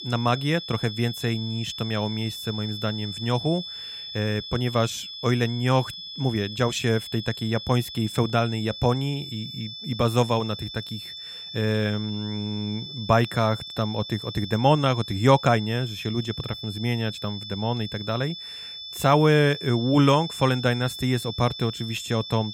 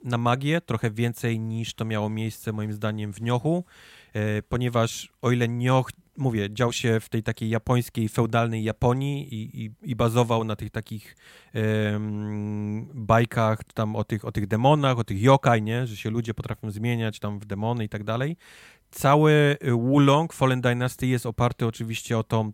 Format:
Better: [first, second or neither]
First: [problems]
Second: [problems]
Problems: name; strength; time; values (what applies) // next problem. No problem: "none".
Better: second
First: high-pitched whine; loud; throughout; 3.5 kHz, 10 dB below the speech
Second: none